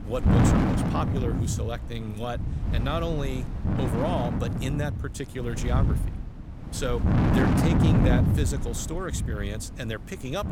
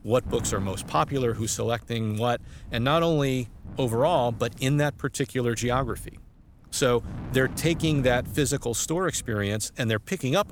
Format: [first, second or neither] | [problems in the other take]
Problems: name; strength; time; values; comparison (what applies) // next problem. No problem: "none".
second | wind noise on the microphone; heavy; 1 dB above the speech; occasional gusts in the second